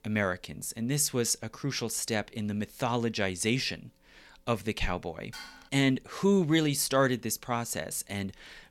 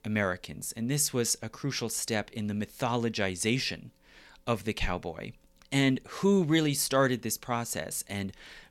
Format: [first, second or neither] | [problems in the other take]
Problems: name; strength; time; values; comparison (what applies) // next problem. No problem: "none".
second | clattering dishes; faint; at 5.5 s; peak 15 dB below the speech